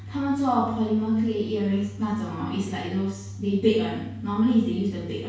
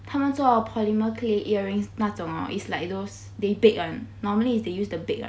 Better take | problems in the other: second | room echo; dies away in 0.6 s

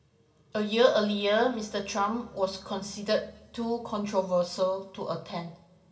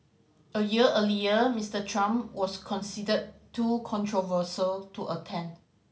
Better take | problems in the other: second | room echo; dies away in 2.1 s

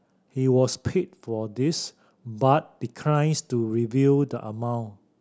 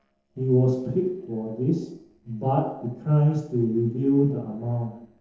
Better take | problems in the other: first | noise reduction (neural separator model SepFormer DNS4)

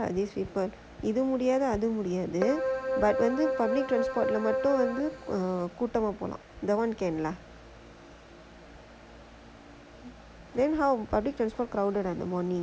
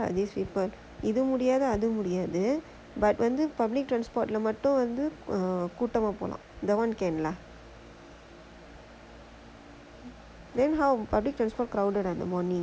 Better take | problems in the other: second | background sound (Keyboard (musical)); 1 dB below the speech

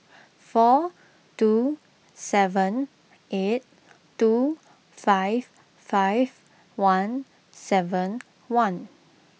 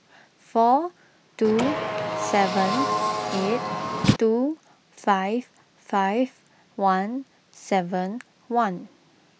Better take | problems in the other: first | background sound (Car); 1 dB below the speech

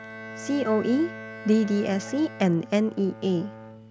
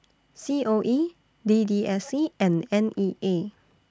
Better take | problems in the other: second | background sound (Bowed string instrument + Bowed string instrument); 14 dB below the speech

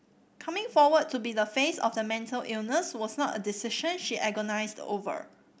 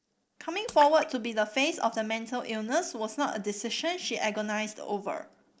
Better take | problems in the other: first | noise reduction (neural separator model SepFormer DNS4)

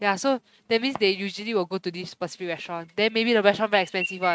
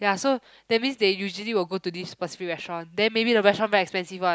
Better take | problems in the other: second | noise reduction (neural mask model RNNoise)

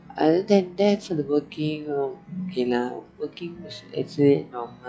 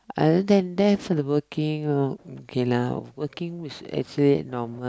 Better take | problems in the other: second | noise reduction (classical method log-MMSE)

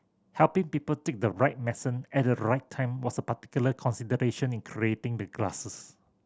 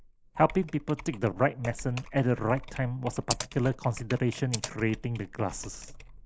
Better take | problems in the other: first | noise reduction (neural mask model Resemble Enhance denoiser)

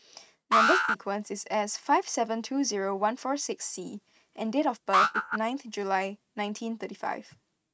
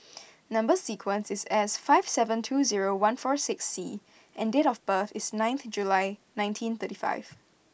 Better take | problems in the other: second | noise reduction (neural mask model RNNoise)

